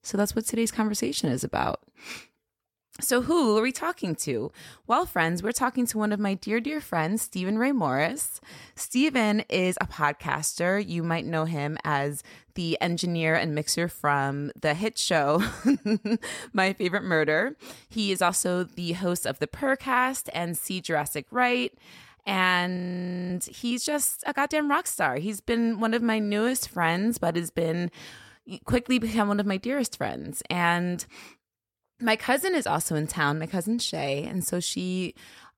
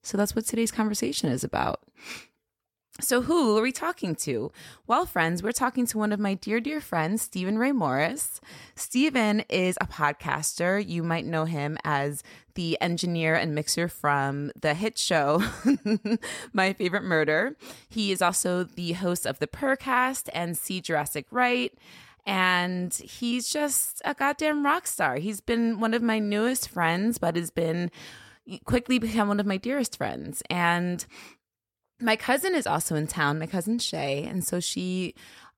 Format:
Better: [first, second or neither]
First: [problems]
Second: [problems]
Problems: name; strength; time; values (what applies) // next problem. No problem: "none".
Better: second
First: audio freezing; at 23 s for 0.5 s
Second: none